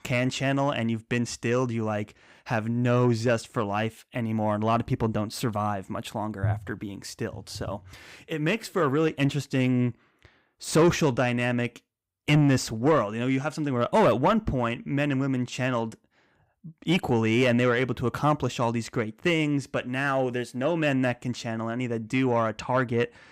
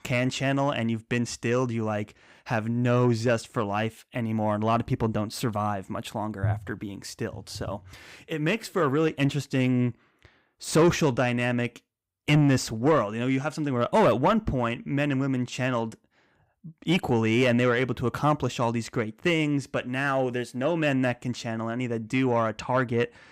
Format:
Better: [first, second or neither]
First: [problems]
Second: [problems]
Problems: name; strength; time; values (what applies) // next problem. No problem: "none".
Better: neither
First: distortion; slight; 10 dB below the speech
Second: distortion; slight; 10 dB below the speech